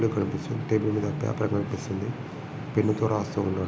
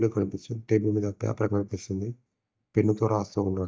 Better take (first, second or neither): first